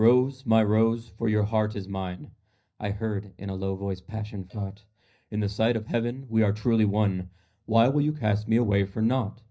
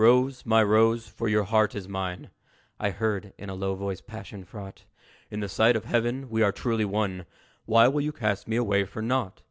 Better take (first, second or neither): second